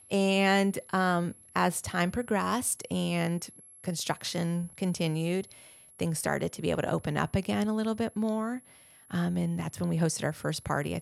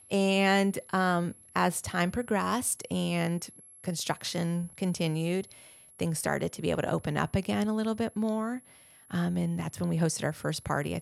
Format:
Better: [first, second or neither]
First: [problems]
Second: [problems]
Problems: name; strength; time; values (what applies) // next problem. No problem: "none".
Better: neither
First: high-pitched whine; faint; throughout; 11 kHz, 20 dB below the speech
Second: high-pitched whine; faint; throughout; 11 kHz, 20 dB below the speech